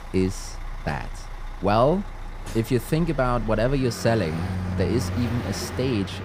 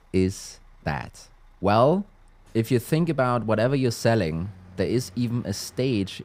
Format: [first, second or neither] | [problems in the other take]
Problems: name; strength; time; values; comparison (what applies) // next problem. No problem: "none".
second | traffic noise; loud; throughout; 9 dB below the speech; faint in the second